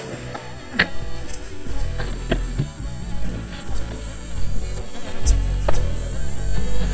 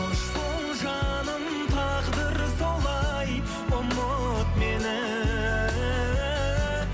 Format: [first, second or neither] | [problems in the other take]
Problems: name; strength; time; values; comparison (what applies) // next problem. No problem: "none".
second | noise reduction (neural mask model DeepFilterNet 3)